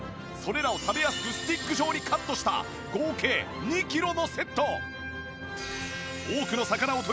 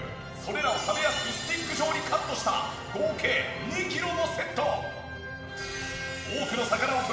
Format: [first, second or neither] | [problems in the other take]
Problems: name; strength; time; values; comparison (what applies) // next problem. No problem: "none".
first | room echo; dies away in 1.2 s